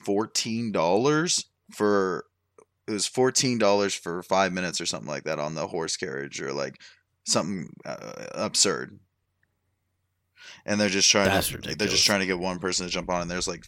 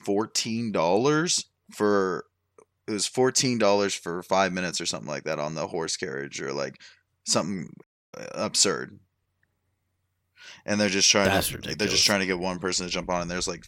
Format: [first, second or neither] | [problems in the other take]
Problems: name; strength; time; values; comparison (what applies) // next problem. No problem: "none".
first | audio cutting out; at 8 s